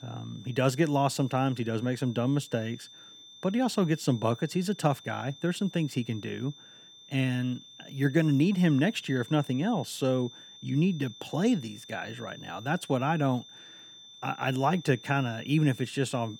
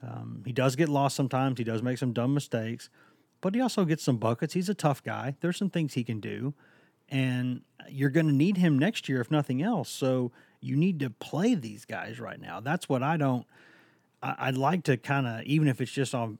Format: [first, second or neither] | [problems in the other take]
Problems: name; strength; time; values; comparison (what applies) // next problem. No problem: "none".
second | high-pitched whine; noticeable; throughout; 3.5 kHz, 20 dB below the speech